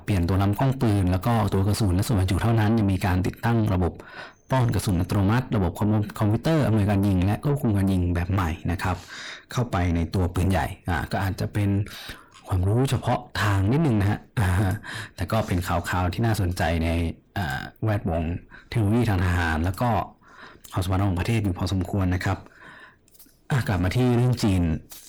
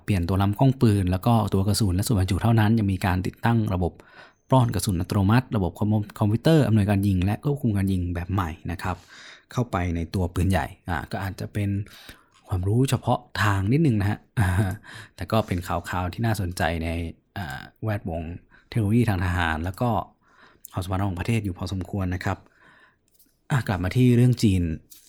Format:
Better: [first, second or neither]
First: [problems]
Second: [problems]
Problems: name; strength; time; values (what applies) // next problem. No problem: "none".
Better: second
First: distortion; heavy; 7 dB below the speech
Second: none